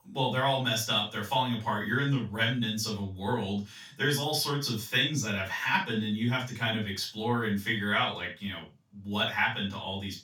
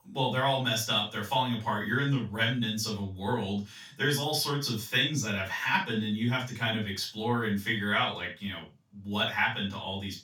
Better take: neither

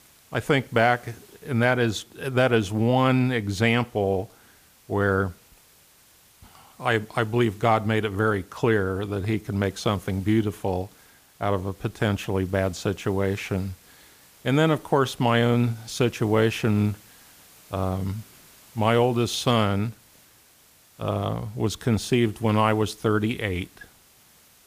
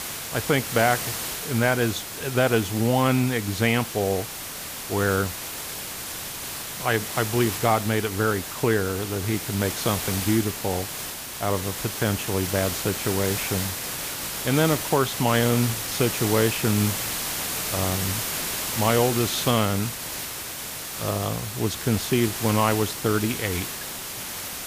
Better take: first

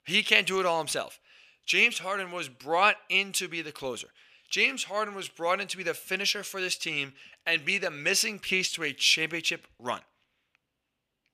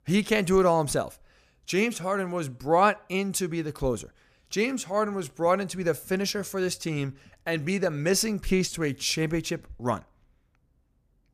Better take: second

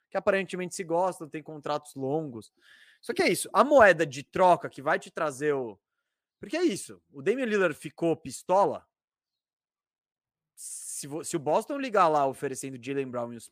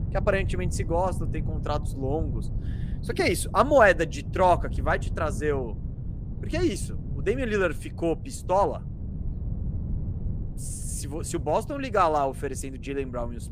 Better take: first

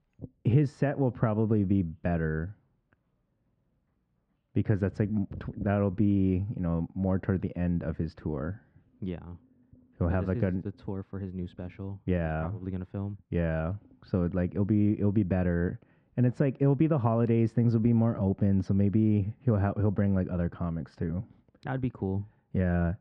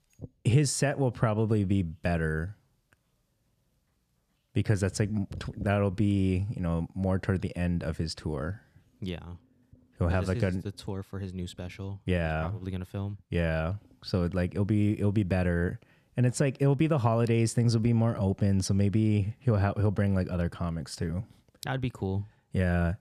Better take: second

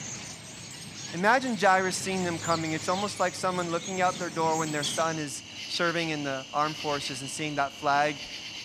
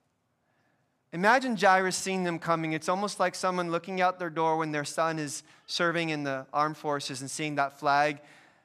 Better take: second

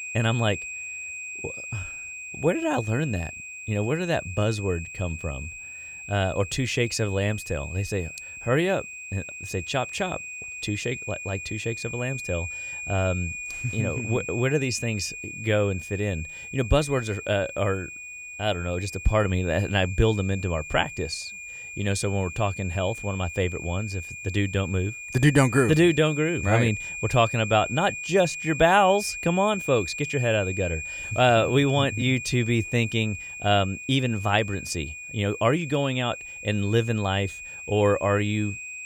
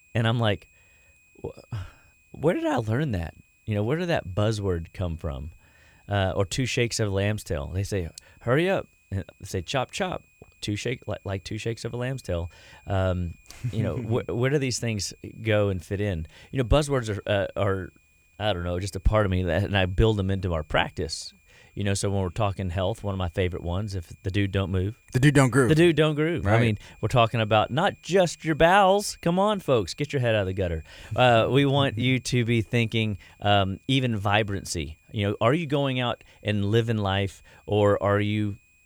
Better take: second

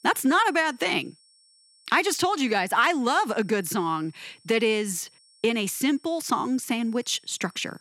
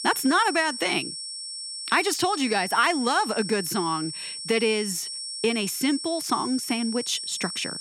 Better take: first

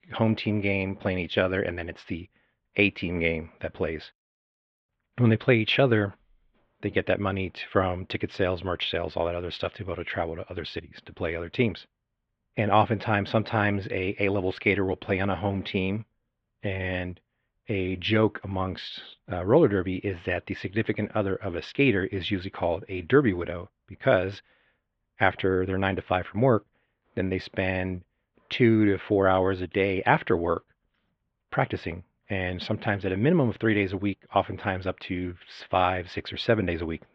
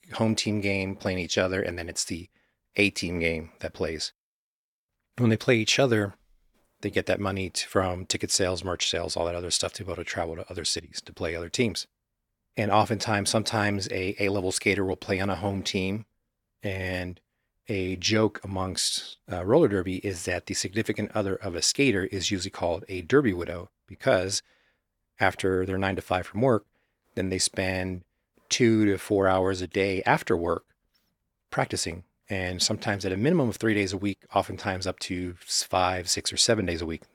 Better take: second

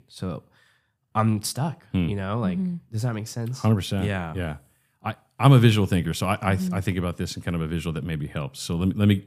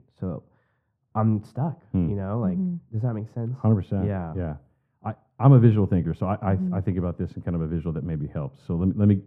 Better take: first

